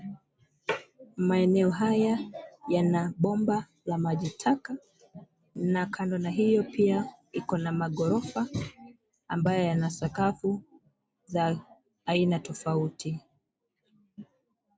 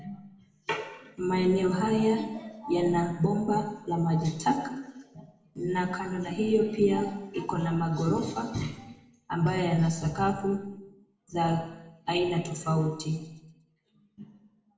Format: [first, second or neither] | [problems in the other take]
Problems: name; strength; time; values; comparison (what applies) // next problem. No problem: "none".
first | room echo; dies away in 1 s